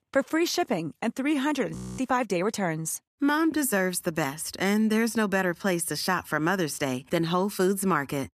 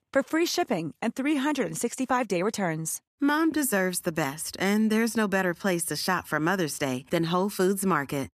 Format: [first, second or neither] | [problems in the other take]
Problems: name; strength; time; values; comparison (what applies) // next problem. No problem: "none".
second | audio freezing; at 2 s